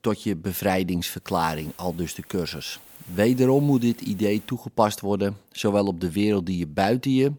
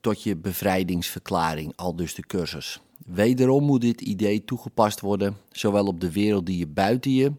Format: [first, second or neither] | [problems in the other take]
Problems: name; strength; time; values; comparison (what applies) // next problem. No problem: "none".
second | hiss; faint; from 1.5 to 4.5 s; 20 dB below the speech